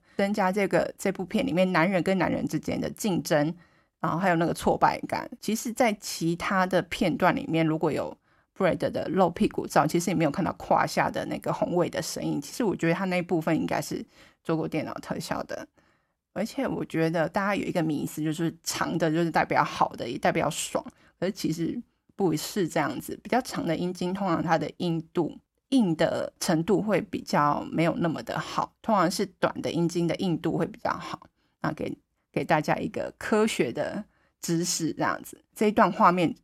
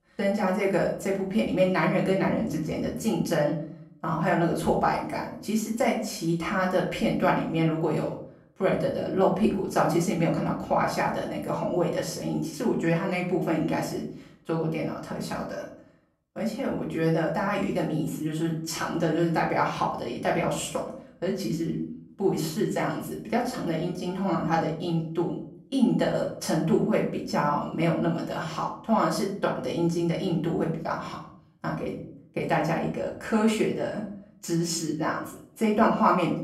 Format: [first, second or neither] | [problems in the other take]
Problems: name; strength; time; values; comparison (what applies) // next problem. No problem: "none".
first | off-mic speech; far // room echo; slight; dies away in 0.5 s